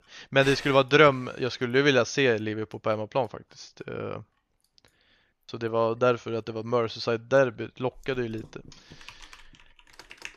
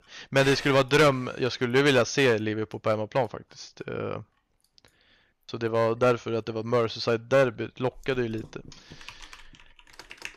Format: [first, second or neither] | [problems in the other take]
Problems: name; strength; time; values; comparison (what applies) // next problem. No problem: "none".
first | distortion; slight; 3% of the sound clipped